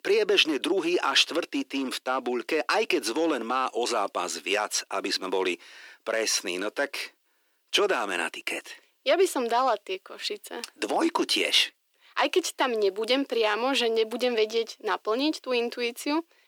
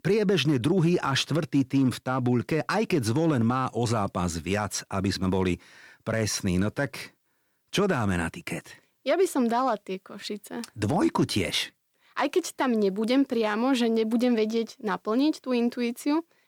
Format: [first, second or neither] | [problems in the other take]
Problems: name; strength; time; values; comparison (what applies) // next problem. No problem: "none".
second | thin; somewhat; fading below 350 Hz